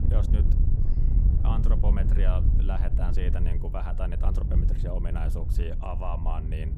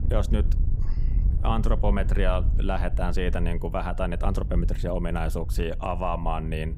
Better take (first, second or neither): second